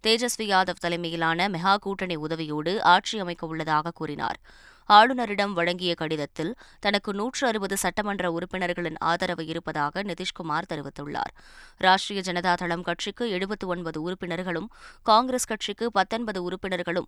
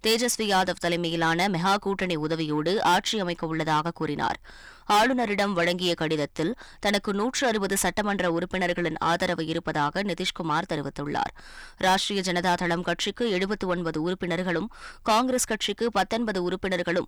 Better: first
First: none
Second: distortion; heavy; 7 dB below the speech

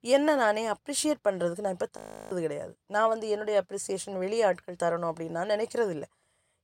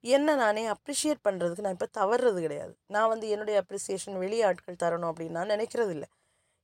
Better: second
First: audio freezing; at 2 s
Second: none

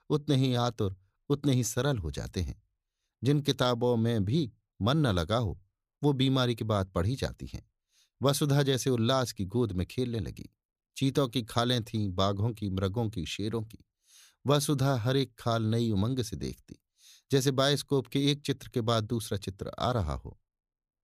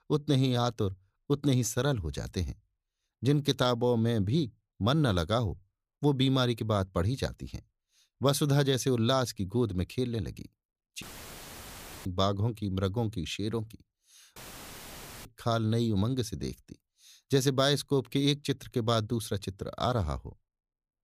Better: first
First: none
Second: audio cutting out; filled with static; at 11 s for 1 s and at 14 s for 1 s

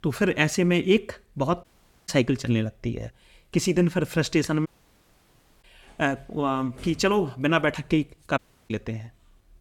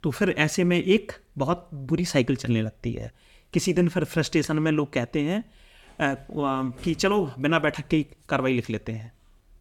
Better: second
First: audio cutting out; at 1.5 s, at 4.5 s for 1 s and at 8.5 s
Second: none

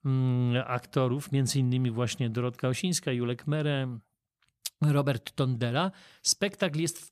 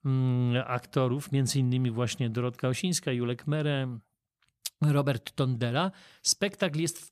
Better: neither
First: none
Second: none

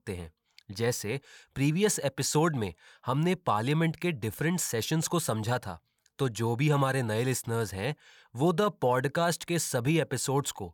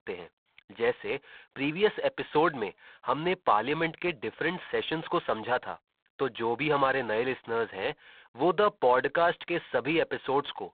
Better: first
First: none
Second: phone-call audio; poor line; nothing above 4 kHz

